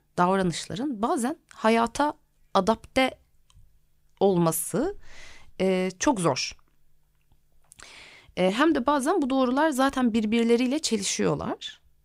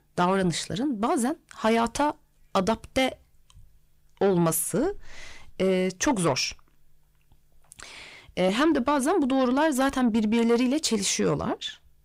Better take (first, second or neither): first